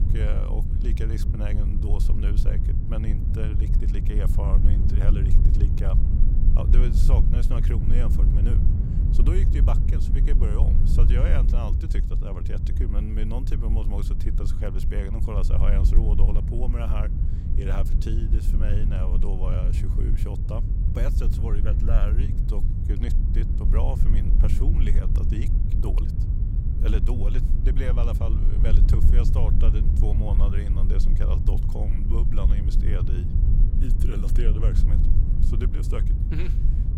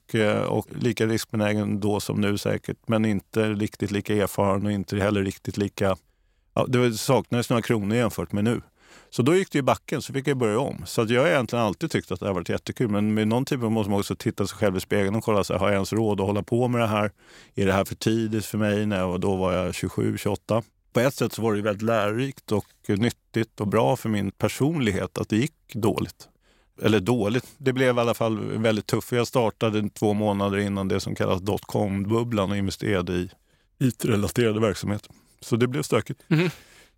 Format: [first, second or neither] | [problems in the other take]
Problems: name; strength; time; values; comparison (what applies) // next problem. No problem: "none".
second | low rumble; loud; throughout; 2 dB below the speech